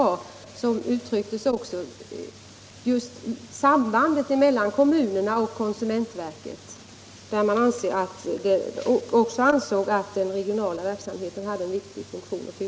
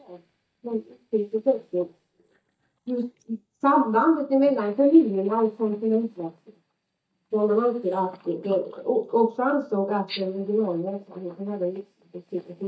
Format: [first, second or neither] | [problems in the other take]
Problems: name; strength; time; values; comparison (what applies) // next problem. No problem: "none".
first | noise reduction (neural mask model DeepFilterNet 3)